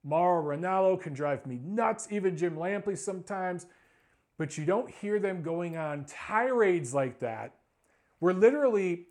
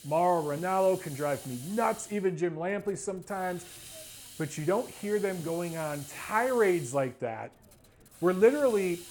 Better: first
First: none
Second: hiss; noticeable; throughout; 15 dB below the speech

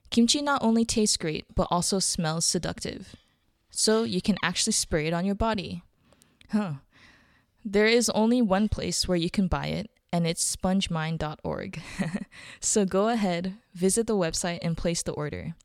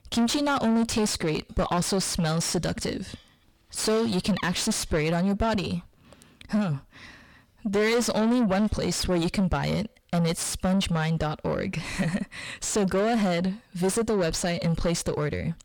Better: first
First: none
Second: distortion; heavy; 6 dB below the speech

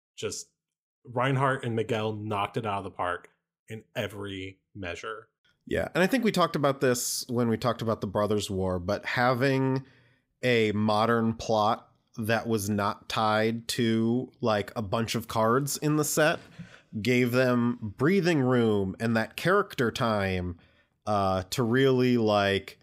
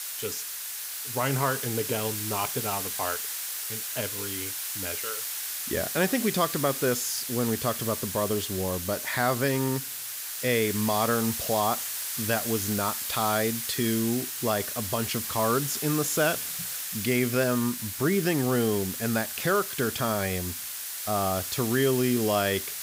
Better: first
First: none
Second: hiss; loud; throughout; 3 dB below the speech

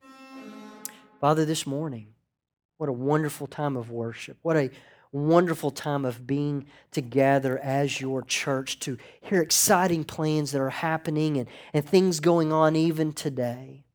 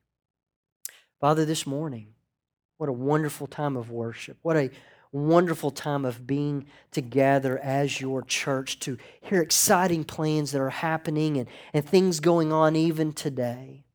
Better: second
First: alarm; faint; until 1.5 s; peak 15 dB below the speech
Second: none

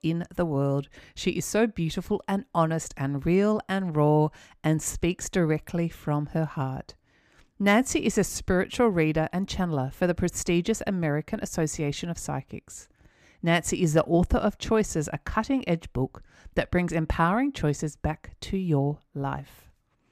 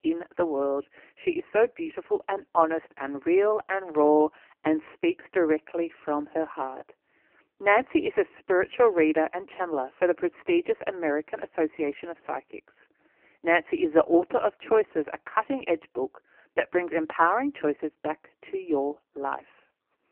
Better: first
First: none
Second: phone-call audio; poor line; nothing above 3 kHz

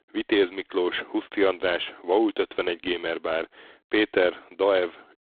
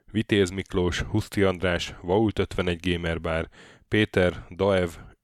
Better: second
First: phone-call audio; poor line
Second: none

